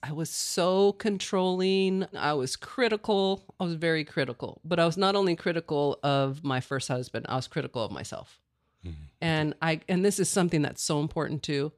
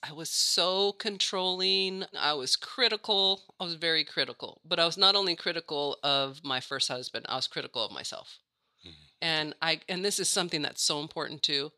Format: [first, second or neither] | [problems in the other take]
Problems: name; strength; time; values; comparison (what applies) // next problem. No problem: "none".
first | thin; somewhat; fading below 700 Hz